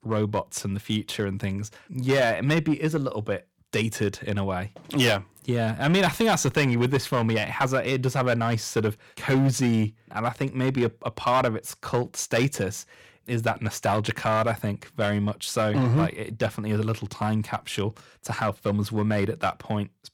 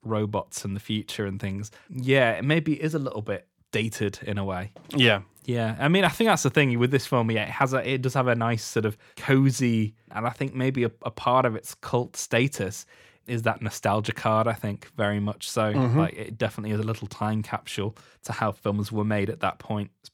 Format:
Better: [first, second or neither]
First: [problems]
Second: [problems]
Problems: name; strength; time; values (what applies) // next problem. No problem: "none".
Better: second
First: distortion; slight; 4% of the sound clipped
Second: none